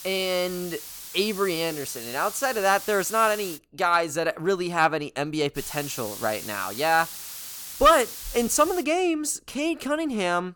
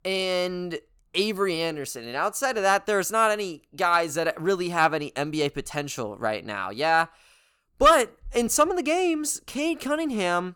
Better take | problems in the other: second | hiss; noticeable; until 3.5 s and from 5.5 to 9 s; 10 dB below the speech

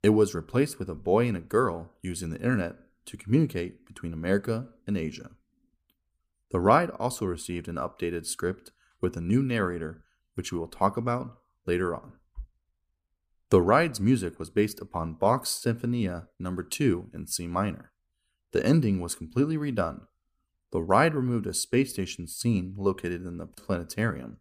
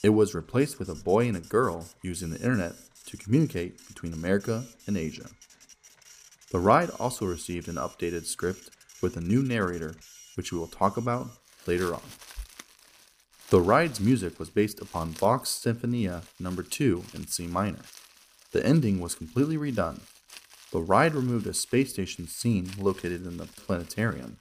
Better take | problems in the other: first | household noises; faint; throughout; 20 dB below the speech

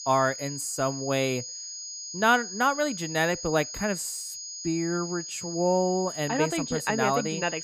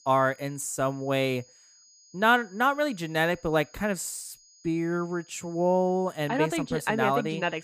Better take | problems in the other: second | high-pitched whine; loud; throughout; 6.5 kHz, 8 dB below the speech; faint in the second

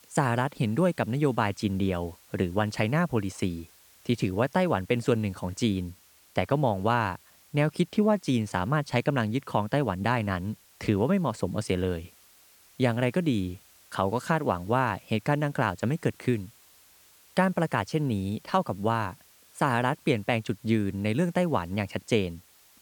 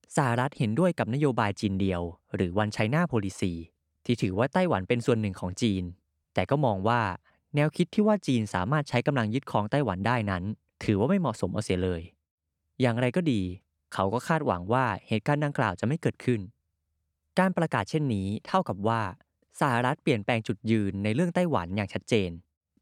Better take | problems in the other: second | hiss; faint; throughout; 25 dB below the speech

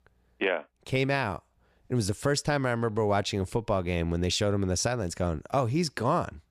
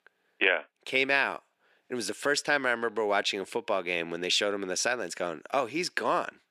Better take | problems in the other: first | thin; somewhat; fading below 300 Hz

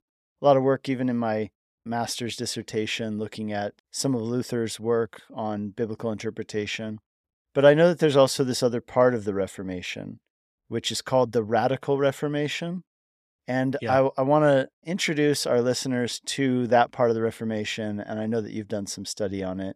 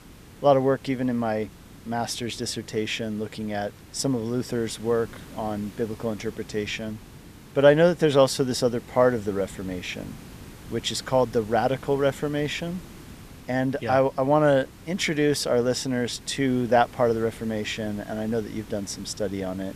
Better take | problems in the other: first | hiss; noticeable; throughout; 20 dB below the speech

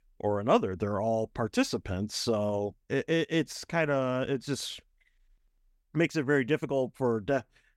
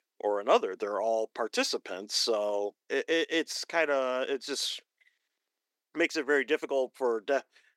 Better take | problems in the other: first | thin; somewhat; fading below 350 Hz

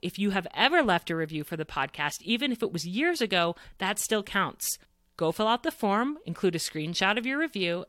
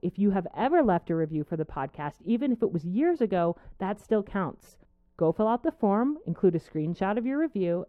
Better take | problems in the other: first | muffled; very; fading above 2 kHz

